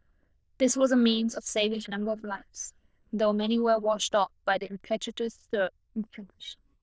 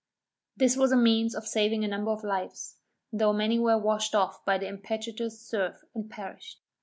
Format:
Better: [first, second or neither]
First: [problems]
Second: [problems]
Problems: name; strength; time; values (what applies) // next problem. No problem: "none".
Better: second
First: noise reduction (neural diffusion model UNIVERSE++)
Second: none